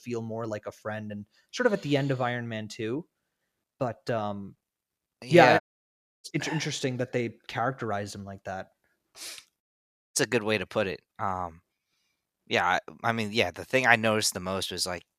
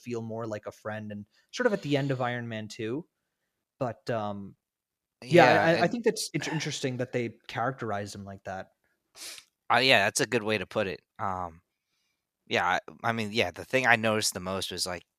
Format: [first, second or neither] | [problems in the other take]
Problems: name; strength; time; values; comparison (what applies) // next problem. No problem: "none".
second | audio cutting out; at 5.5 s for 0.5 s and at 9.5 s for 0.5 s